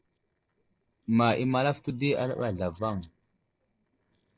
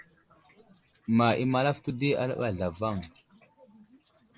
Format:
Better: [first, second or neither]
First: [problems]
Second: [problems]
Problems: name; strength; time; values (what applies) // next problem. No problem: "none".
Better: second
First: noise reduction (neural separator model SepFormer DNS4)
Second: none